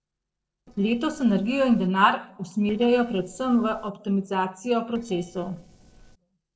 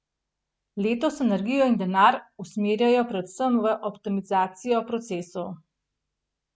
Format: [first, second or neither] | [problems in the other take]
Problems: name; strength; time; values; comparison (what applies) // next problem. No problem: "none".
second | noise reduction (neural separator model SepFormer DNS4)